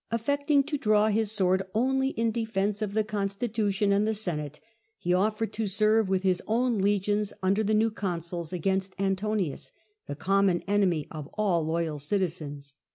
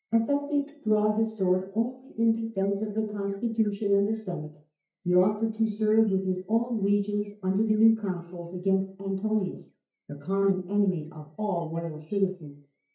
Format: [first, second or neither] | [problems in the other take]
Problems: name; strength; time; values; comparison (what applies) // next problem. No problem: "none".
first | noise reduction (neural mask model DeepFilterNet 3)